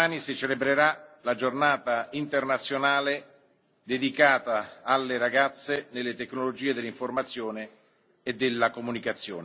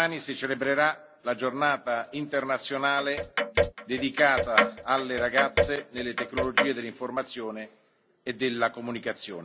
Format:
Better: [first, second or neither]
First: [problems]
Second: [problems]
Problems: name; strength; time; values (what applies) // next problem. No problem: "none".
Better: first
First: none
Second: background sound (Clock); as loud as the speech